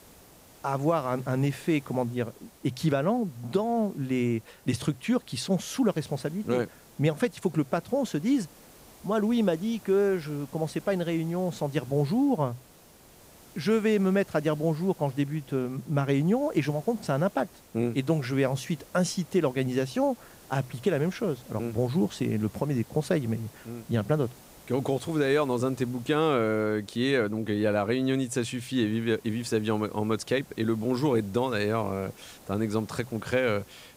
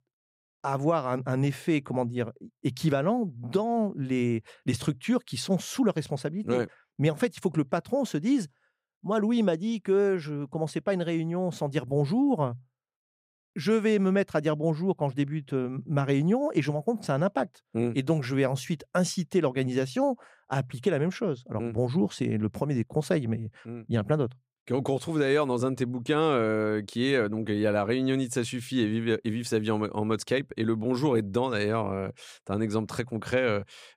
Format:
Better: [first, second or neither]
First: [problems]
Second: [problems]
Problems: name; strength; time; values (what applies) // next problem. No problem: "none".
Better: second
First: hiss; faint; throughout; 25 dB below the speech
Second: none